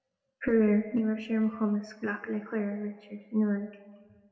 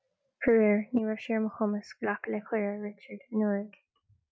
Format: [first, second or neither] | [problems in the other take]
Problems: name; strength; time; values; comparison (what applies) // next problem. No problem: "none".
second | room echo; dies away in 1.3 s